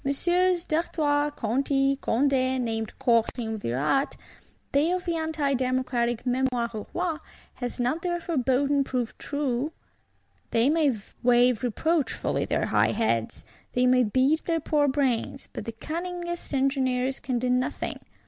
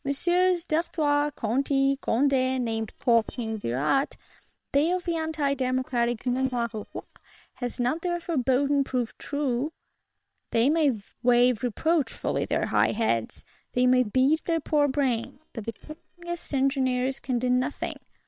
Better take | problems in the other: first | noise reduction (neural separator model SepFormer WHAM!)

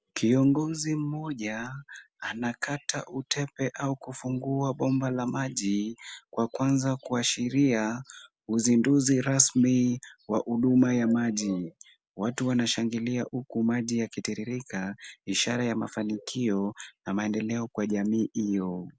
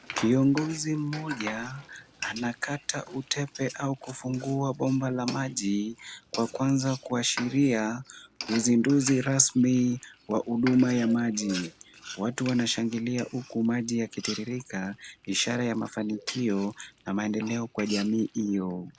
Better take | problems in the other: first | background sound (Frying (food)); 16 dB below the speech

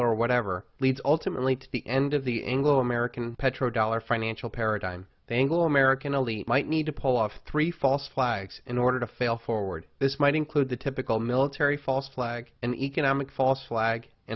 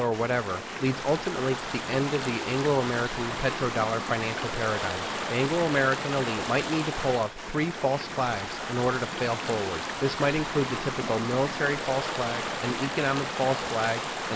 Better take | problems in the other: first | background sound (Stream / Ocean); 4 dB below the speech

